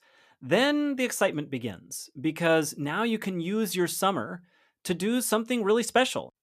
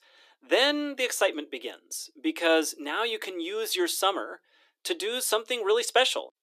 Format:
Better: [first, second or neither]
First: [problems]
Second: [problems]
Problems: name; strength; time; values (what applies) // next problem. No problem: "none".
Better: first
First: none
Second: thin; somewhat; fading below 300 Hz